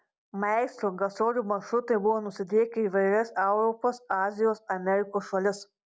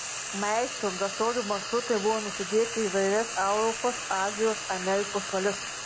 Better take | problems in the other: first | background sound (Frying (food)); 6 dB below the speech

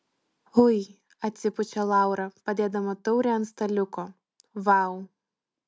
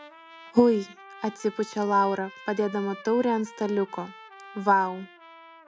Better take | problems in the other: first | background sound (Trumpet); 19 dB below the speech

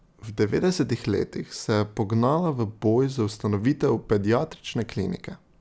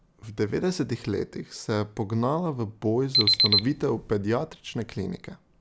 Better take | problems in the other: first | background sound (Alarm); 4 dB above the speech

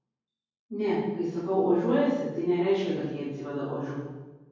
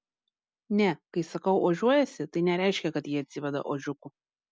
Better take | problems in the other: second | room echo; dies away in 1.3 s

